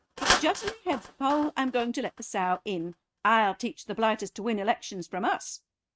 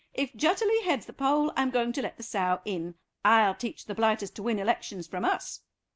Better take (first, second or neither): second